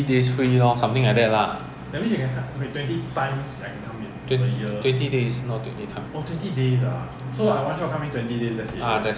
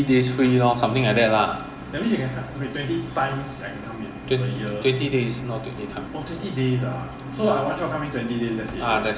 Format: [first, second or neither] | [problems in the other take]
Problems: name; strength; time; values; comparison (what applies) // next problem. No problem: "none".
first | room echo; dies away in 0.4 s